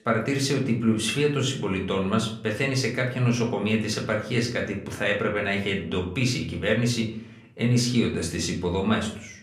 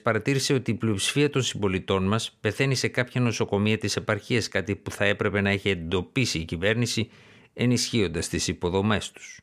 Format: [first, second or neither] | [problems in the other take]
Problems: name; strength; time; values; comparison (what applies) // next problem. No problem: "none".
second | room echo; slight; dies away in 0.5 s // off-mic speech; somewhat distant